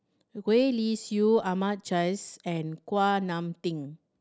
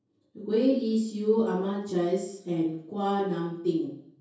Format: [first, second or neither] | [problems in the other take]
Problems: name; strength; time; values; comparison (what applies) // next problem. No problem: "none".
first | room echo; dies away in 0.6 s